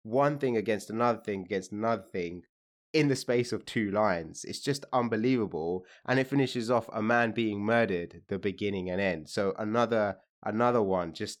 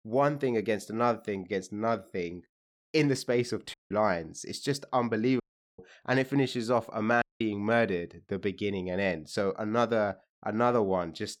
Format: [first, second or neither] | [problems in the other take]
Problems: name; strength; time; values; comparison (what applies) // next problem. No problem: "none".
first | audio cutting out; at 3.5 s, at 5.5 s and at 7 s